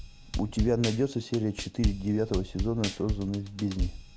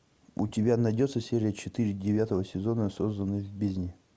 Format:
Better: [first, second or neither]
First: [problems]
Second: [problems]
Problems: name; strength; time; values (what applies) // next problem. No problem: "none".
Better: second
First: background sound (Drum kit); 4 dB below the speech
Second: none